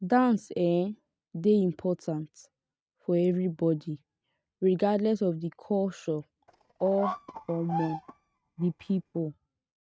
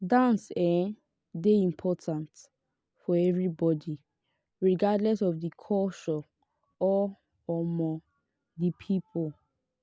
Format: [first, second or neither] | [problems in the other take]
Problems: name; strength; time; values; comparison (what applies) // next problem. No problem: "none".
second | noise reduction (neural mask model RNNoise)